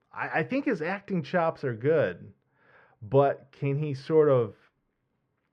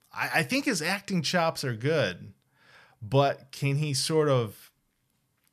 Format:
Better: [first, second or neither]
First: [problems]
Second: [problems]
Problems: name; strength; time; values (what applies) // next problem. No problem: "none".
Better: second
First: muffled; very; fading above 1.5 kHz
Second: none